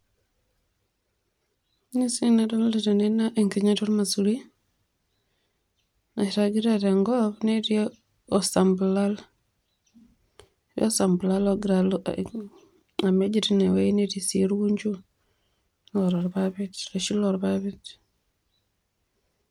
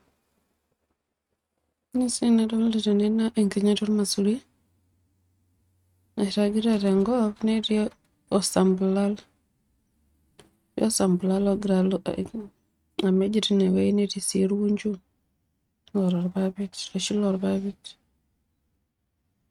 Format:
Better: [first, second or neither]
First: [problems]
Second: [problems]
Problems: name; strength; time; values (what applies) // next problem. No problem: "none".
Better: first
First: none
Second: noise reduction (neural mask model RNNoise)